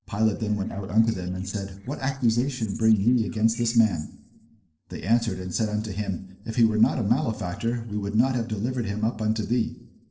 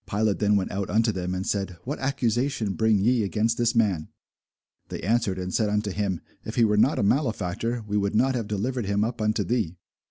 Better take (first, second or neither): second